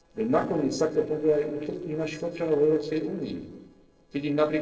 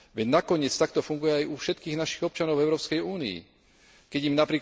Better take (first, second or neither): second